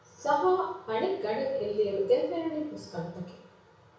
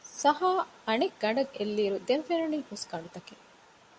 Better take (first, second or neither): second